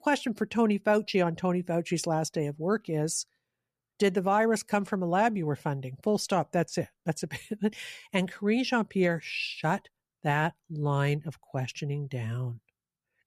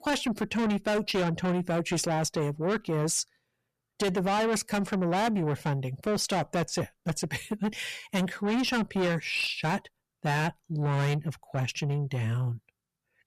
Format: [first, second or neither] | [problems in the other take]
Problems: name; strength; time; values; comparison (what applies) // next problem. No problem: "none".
first | distortion; heavy; 6 dB below the speech